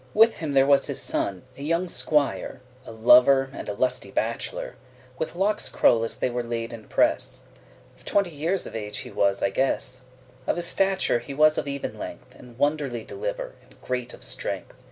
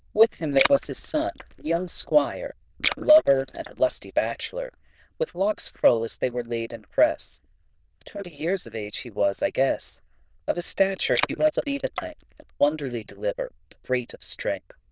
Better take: first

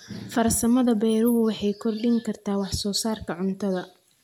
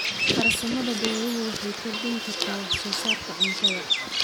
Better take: first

